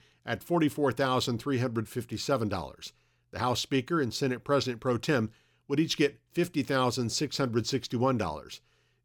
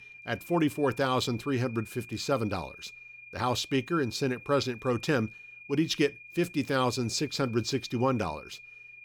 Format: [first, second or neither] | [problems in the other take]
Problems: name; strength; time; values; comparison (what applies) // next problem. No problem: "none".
first | high-pitched whine; noticeable; throughout; 2.5 kHz, 15 dB below the speech